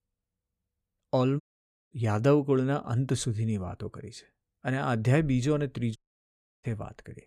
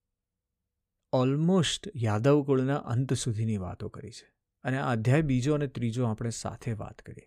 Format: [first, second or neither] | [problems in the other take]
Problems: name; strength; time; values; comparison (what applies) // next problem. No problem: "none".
second | audio cutting out; at 1.5 s for 0.5 s and at 6 s for 0.5 s